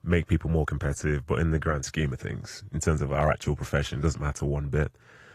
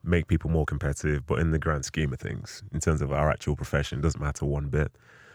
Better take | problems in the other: second | garbled, watery; slightly

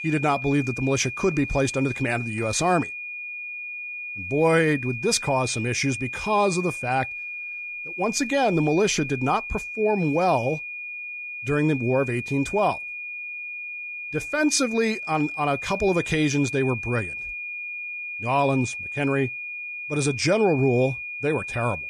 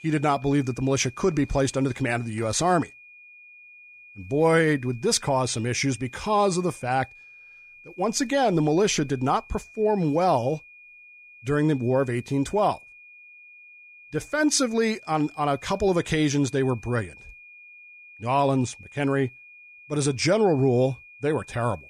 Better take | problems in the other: second | high-pitched whine; loud; throughout; 2.5 kHz, 7 dB below the speech; faint in the second

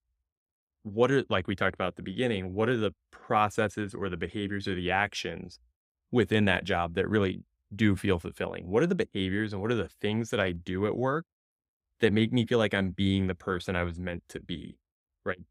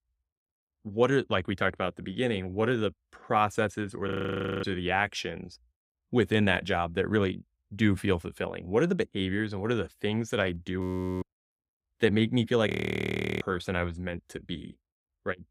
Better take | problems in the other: first | audio freezing; at 4 s for 0.5 s, at 11 s and at 13 s for 0.5 s

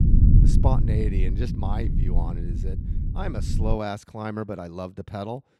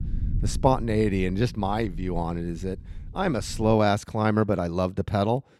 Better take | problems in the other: second | low rumble; loud; until 3.5 s; 4 dB below the speech; faint in the second

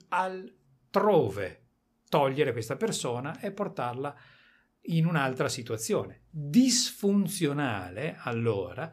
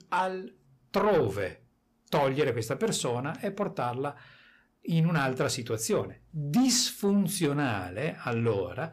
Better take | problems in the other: first | distortion; slight; 10 dB below the speech

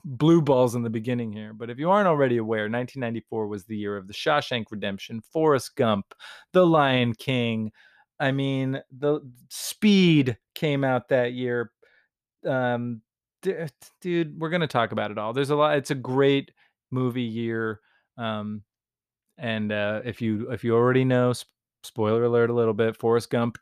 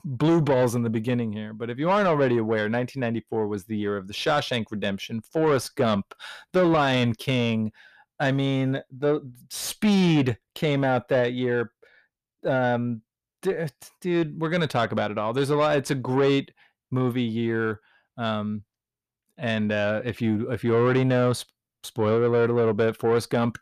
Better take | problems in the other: first | distortion; slight; 10 dB below the speech

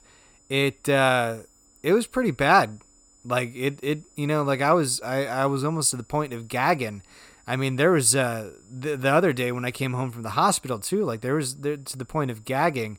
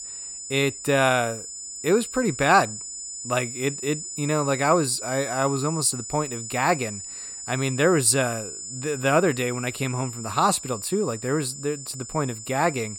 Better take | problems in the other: first | high-pitched whine; loud; throughout; 7 kHz, 9 dB below the speech; faint in the first

